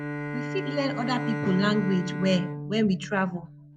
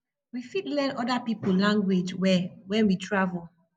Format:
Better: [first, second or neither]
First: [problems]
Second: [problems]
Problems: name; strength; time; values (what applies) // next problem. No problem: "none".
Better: second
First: background sound (Bowed string instrument); 6 dB below the speech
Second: none